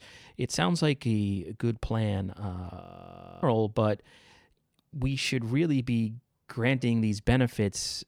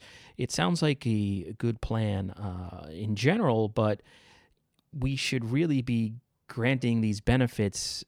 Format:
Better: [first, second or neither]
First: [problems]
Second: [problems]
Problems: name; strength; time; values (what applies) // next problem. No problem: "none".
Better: second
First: audio freezing; at 3 s for 0.5 s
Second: none